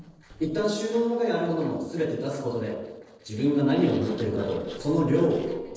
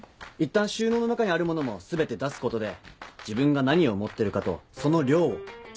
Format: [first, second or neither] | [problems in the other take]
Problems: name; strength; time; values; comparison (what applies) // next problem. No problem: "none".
second | noise reduction (neural separator model SepFormer DNS4)